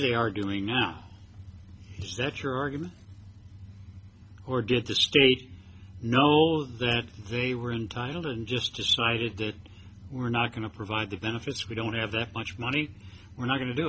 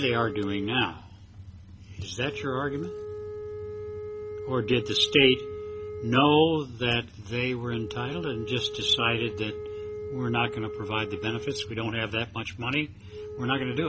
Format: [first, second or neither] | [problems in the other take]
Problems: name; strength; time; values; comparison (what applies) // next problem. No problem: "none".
first | background sound (Wind instrument, woodwind instrument); 10 dB below the speech